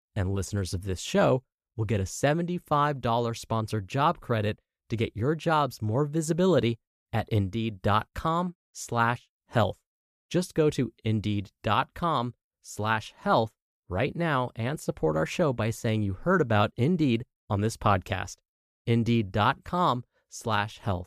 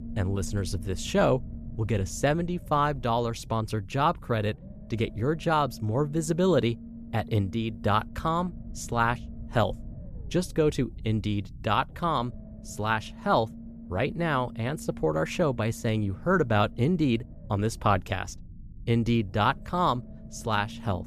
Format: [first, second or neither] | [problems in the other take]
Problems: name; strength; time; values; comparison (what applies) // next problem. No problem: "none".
first | low rumble; faint; throughout; 25 dB below the speech